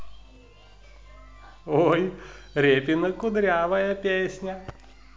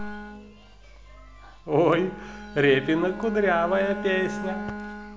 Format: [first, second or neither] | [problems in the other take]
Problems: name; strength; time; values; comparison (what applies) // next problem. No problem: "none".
first | background sound (Bowed string instrument); 11 dB below the speech